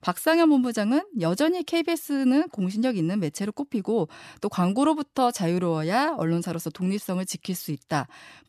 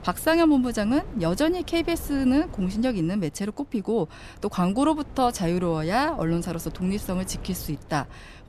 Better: first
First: none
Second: wind noise on the microphone; occasional gusts; 20 dB below the speech

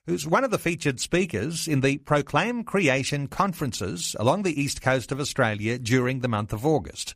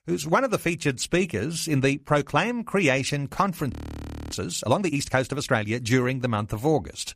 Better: first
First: none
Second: audio freezing; at 3.5 s for 0.5 s

